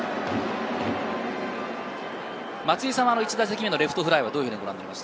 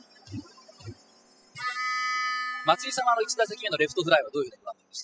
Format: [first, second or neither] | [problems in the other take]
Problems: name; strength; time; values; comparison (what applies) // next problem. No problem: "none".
first | noise reduction (classical method spectral subtraction)